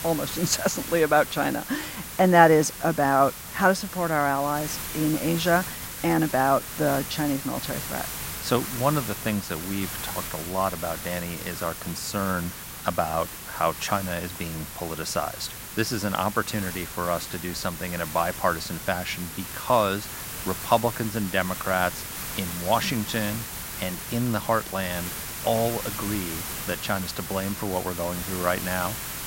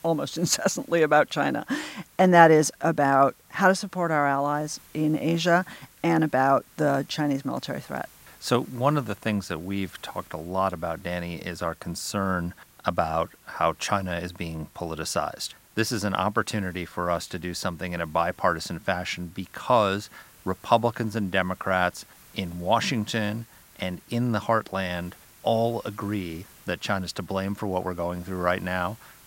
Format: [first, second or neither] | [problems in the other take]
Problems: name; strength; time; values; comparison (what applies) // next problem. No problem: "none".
second | hiss; loud; throughout; 7 dB below the speech; faint in the second